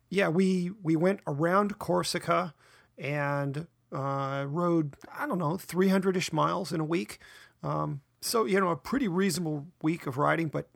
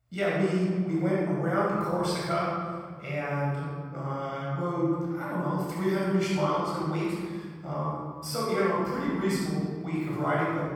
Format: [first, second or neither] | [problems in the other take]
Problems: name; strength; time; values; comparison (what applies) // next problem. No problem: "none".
first | off-mic speech; far // room echo; strong; dies away in 2 s